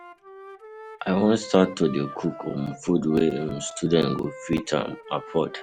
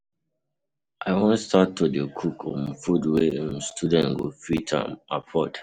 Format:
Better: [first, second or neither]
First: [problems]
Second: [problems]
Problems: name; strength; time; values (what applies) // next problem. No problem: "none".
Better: second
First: background sound (Wind instrument, woodwind instrument); 17 dB below the speech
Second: none